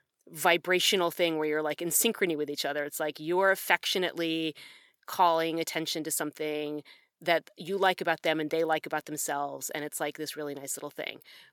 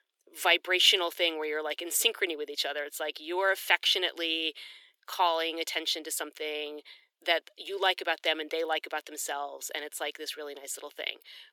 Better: first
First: none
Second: thin; somewhat; fading below 350 Hz

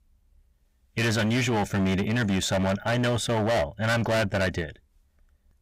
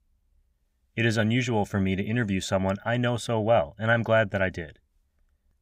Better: second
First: distortion; heavy; 22% of the sound clipped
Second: none

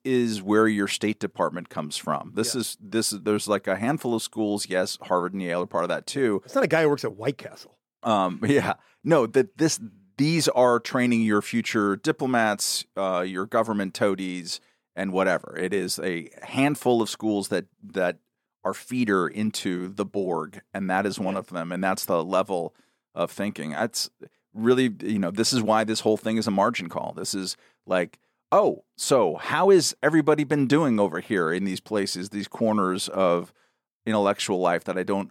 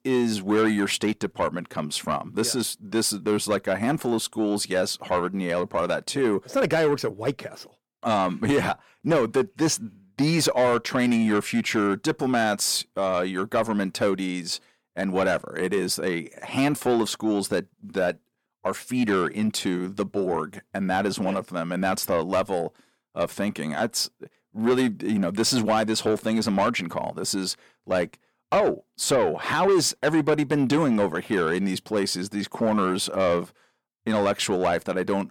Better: first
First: none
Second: distortion; slight; 10 dB below the speech

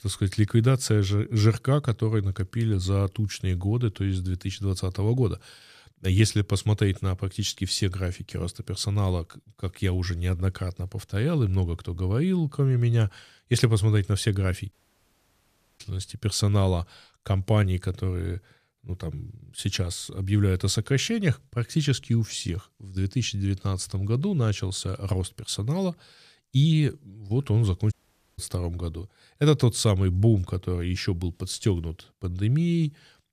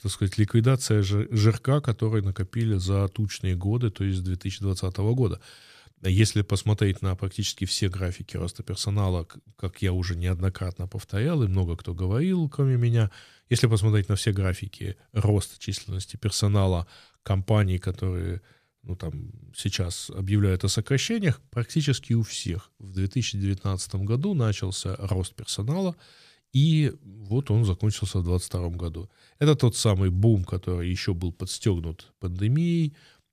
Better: second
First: audio cutting out; at 15 s for 1 s and at 28 s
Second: none

